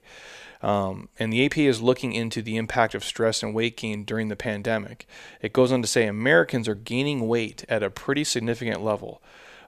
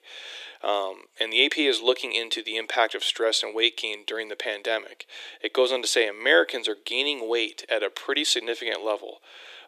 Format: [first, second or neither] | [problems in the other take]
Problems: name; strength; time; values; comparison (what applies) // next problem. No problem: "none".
first | thin; very; fading below 300 Hz